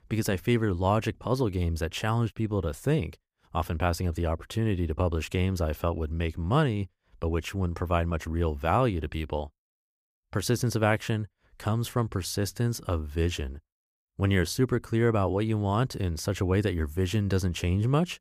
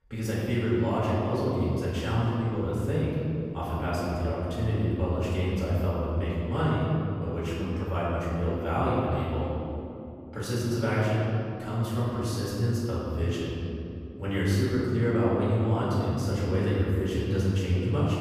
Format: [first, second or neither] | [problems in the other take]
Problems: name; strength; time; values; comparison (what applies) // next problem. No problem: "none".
first | off-mic speech; far // room echo; strong; dies away in 2.9 s